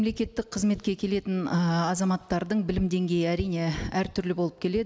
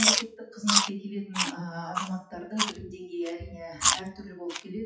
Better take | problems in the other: first | noise reduction (classical method WPE with log-MMSE)

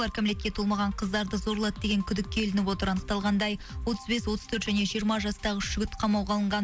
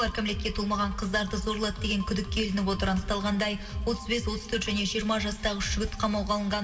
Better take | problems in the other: first | room echo; dies away in 1.7 s

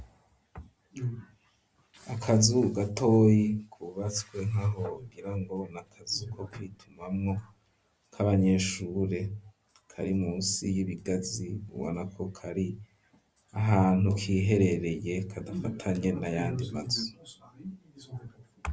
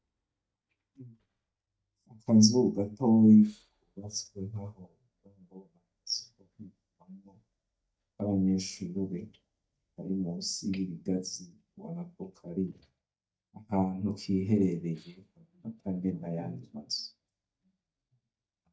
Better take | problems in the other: first | noise reduction (neural mask model DeepFilterNet 3)

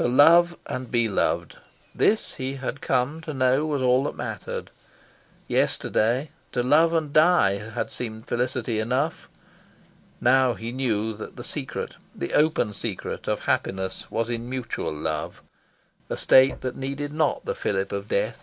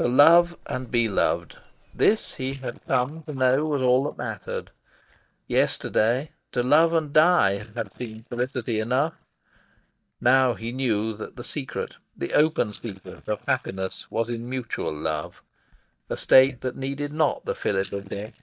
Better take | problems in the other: first | noise reduction (neural mask model DeepFilterNet 3)

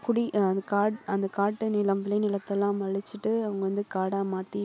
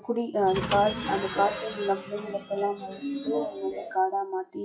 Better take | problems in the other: first | noise reduction (classical method WPE with log-MMSE)

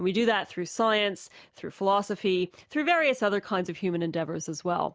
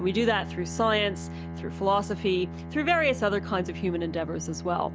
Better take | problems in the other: first | background sound (Bowed string instrument); 9 dB below the speech

